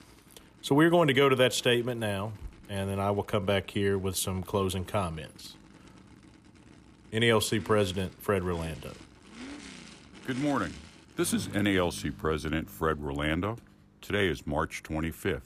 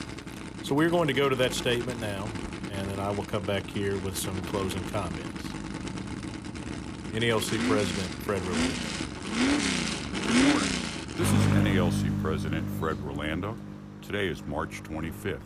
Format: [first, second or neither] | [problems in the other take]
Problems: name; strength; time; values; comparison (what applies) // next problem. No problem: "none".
first | traffic noise; loud; throughout; as loud as the speech; faint in the first